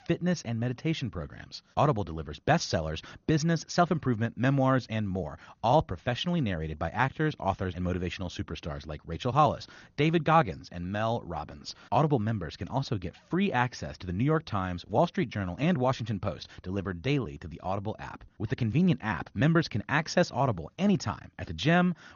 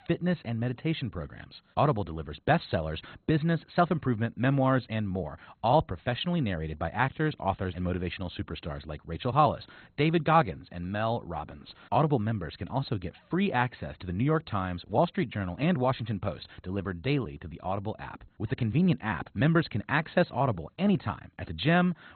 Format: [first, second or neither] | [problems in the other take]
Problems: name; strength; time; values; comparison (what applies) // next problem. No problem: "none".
first | garbled, watery; badly; nothing above 4 kHz; slightly in the first